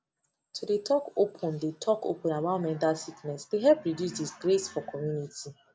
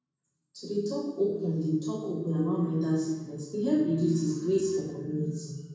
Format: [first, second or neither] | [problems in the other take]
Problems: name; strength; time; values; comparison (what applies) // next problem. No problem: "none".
first | room echo; dies away in 1.1 s